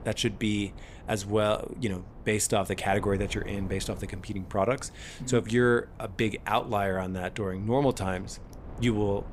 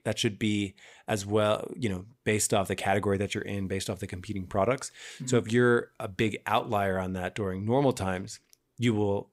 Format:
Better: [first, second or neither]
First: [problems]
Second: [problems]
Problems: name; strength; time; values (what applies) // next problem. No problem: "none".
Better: second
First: wind noise on the microphone; occasional gusts; 20 dB below the speech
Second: none